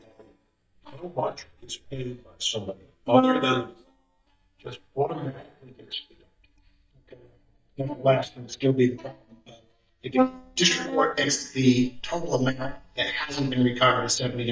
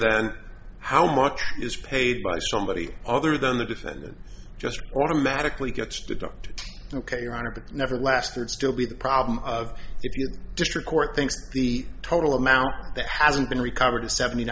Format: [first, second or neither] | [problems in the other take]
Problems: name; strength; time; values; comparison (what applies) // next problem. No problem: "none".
second | noise reduction (neural mask model DeepFilterNet 3)